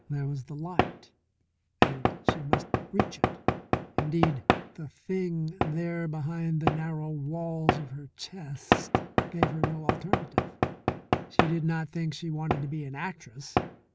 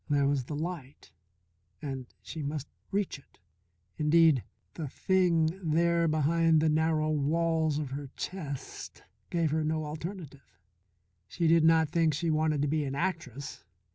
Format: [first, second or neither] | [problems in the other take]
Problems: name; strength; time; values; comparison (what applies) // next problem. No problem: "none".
second | background sound (Knock / Wood); 3 dB above the speech